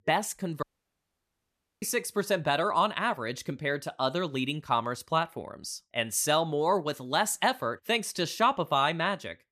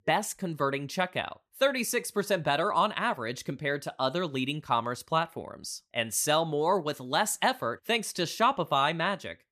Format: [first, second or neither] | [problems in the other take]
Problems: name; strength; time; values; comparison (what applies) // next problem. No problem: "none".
second | audio cutting out; at 0.5 s for 1 s